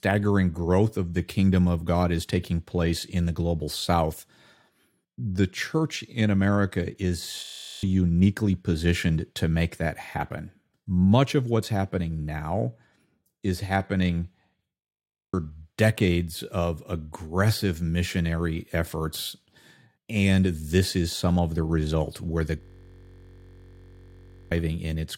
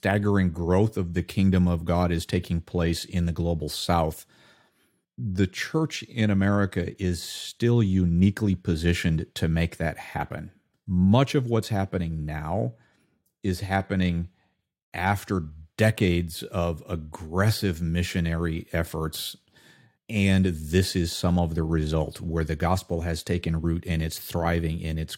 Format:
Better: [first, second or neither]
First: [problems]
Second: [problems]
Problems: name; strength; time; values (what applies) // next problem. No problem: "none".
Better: second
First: audio freezing; at 7.5 s, at 15 s for 0.5 s and at 23 s for 2 s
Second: none